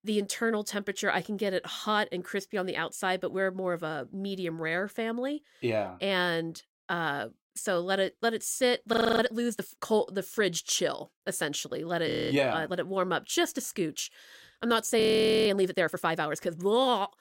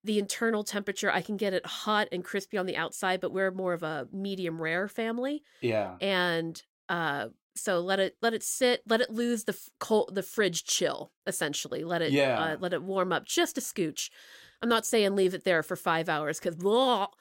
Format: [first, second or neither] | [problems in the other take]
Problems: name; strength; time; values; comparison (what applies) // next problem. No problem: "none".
second | audio freezing; at 9 s, at 12 s and at 15 s